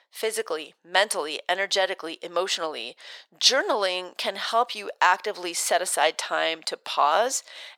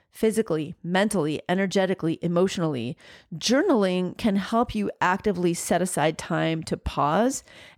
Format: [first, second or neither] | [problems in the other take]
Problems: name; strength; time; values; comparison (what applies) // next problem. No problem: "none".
second | thin; very; fading below 600 Hz